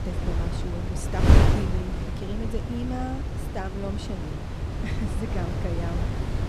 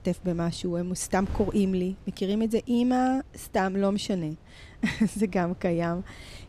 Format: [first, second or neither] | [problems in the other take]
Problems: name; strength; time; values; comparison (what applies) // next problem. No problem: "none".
second | wind noise on the microphone; heavy; 3 dB above the speech; occasional gusts in the second